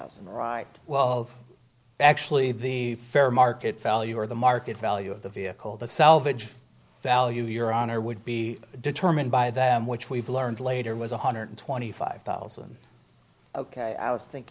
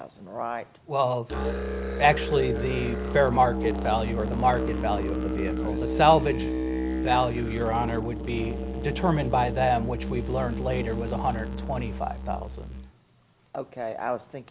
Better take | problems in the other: first | background sound (Musical instrument); 4 dB below the speech

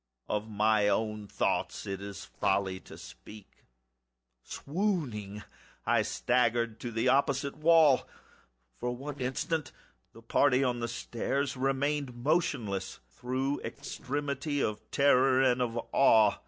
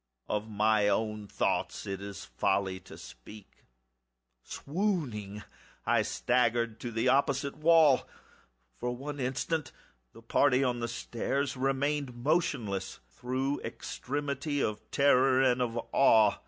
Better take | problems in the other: second | noise reduction (neural separator model SepFormer DNS4)

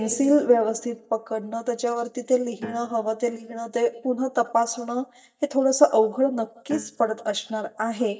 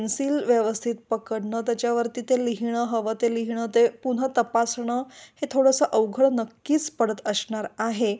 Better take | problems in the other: second | noise reduction (neural mask model DeepFilterNet 3)

